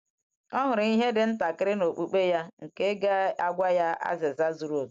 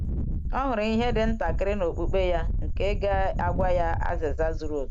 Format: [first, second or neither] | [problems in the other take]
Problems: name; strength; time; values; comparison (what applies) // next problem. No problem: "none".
first | background sound (Wind); as loud as the speech